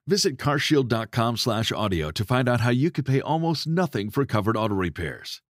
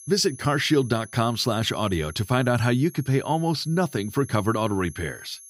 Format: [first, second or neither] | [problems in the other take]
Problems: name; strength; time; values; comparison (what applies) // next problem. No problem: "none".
first | high-pitched whine; noticeable; throughout; 11 kHz, 20 dB below the speech